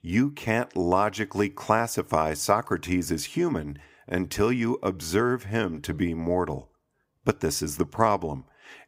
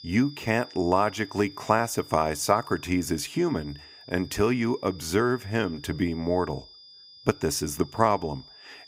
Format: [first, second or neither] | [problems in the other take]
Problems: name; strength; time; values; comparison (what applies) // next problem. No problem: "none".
first | high-pitched whine; noticeable; throughout; 5 kHz, 20 dB below the speech